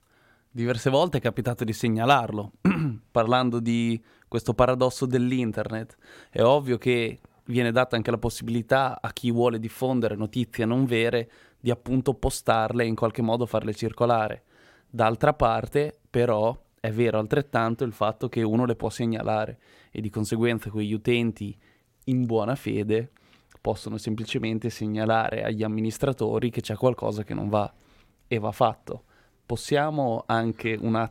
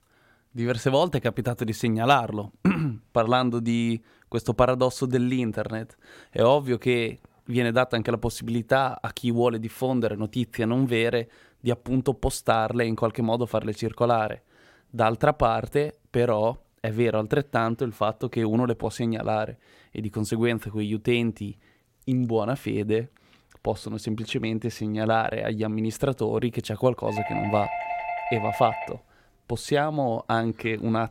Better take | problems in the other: first | doorbell; noticeable; from 27 to 29 s; peak 4 dB below the speech

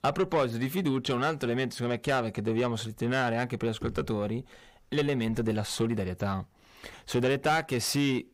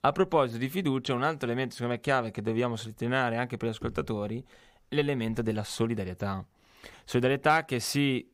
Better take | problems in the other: second | distortion; slight; 10 dB below the speech

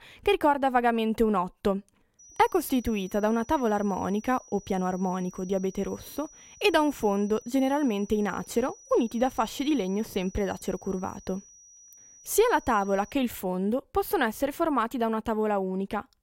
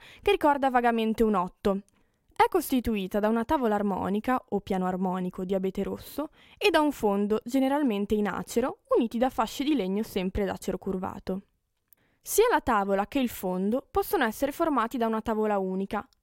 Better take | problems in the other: second | high-pitched whine; faint; from 2 to 13 s; 6 kHz, 20 dB below the speech

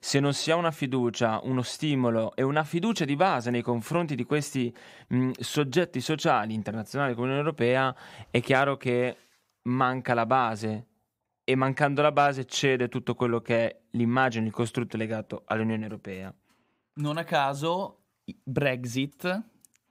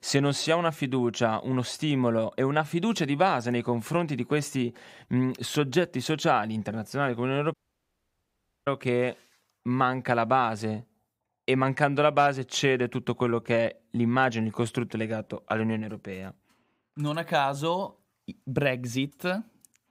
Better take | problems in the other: first | audio cutting out; at 7.5 s for 1 s

